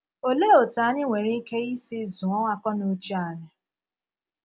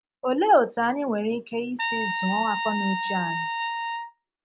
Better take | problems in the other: first | background sound (Trumpet); 5 dB below the speech

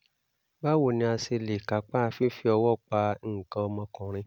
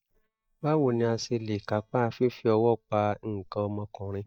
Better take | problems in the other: first | noise reduction (neural mask model DeepFilterNet 3)

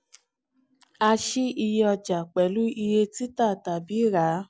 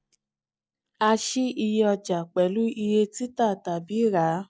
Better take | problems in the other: first | noise reduction (neural mask model DeepFilterNet 3)

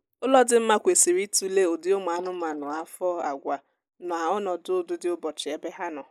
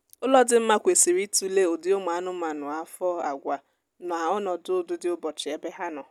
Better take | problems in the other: second | noise reduction (neural mask model Resemble Enhance denoiser)

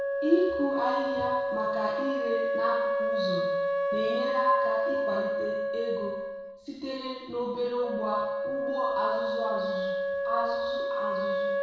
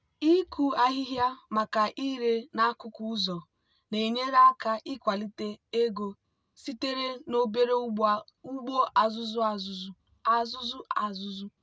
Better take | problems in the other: second | background sound (Wind instrument, woodwind instrument); 2 dB above the speech // room echo; dies away in 1.1 s

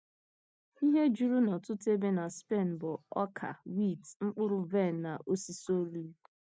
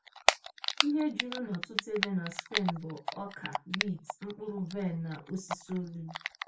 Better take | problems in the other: first | background sound (Typing); as loud as the speech // room echo; dies away in 0.2 s

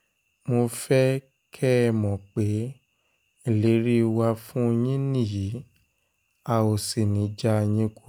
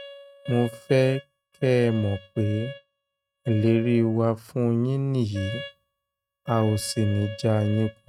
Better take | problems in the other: first | noise reduction (neural mask model RNNoise)

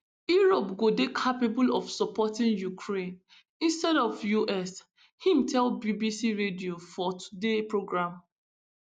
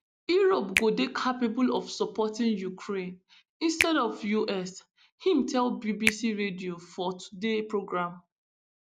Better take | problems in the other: first | background sound (Finger snapping); 8 dB below the speech

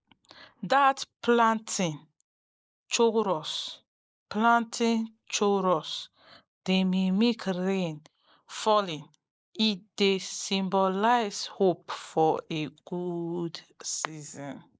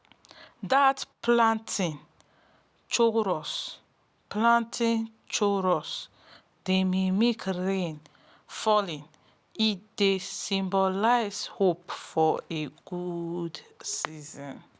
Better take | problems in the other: second | noise reduction (neural mask model Resemble Enhance denoiser)

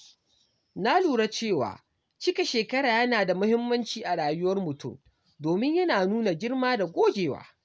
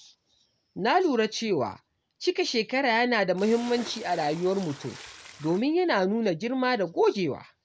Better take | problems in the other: first | background sound (Splash, splatter); 17 dB below the speech

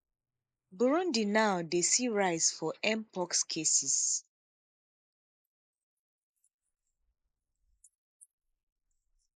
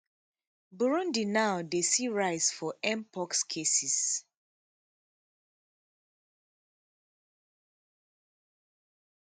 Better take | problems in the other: second | noise reduction (neural mask model Resemble Enhance denoiser)

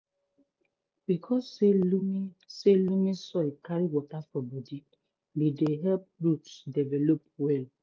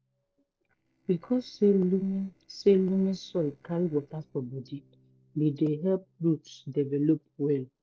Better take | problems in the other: first | noise reduction (neural separator model SepFormer DNS4)

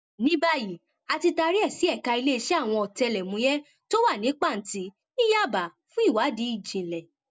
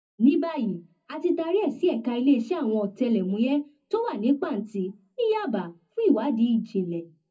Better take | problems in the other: first | room echo; dies away in 0.4 s

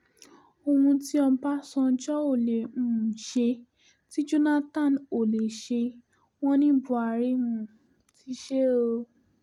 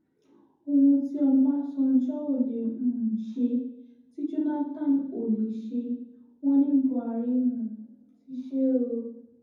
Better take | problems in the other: first | room echo; dies away in 0.9 s

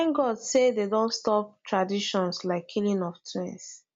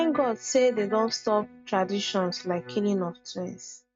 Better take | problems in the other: first | noise reduction (neural mask model RNNoise)

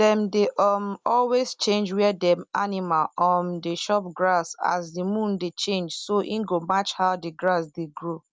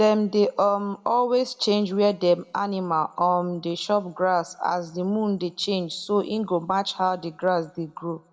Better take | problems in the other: first | room echo; dies away in 0.8 s

